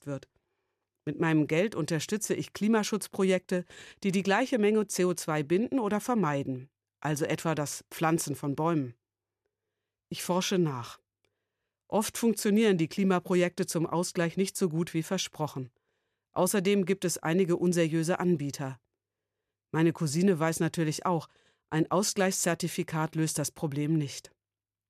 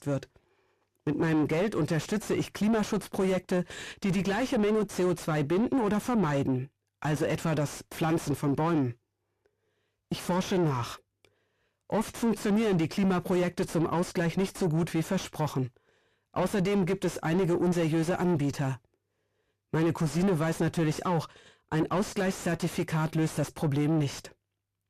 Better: first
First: none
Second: distortion; heavy; 6 dB below the speech

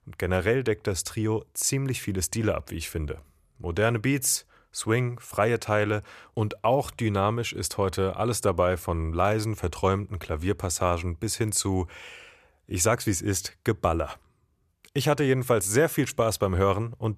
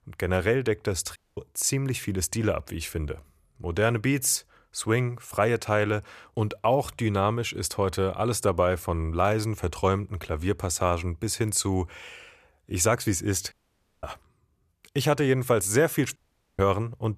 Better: first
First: none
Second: audio cutting out; at 1 s, at 14 s for 0.5 s and at 16 s

